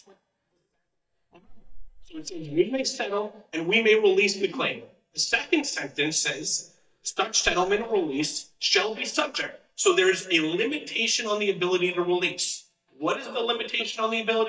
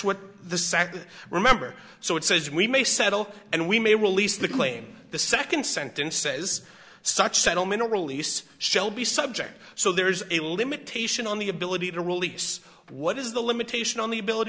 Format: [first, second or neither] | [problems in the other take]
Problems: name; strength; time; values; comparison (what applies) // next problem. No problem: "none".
second | noise reduction (neural mask model DeepFilterNet 3)